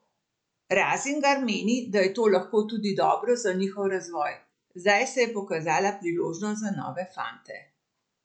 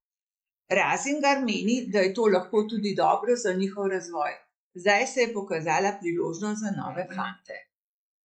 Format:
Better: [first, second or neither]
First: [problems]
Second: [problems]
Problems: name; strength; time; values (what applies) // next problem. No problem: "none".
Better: first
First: none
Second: noise reduction (neural mask model Resemble Enhance denoiser)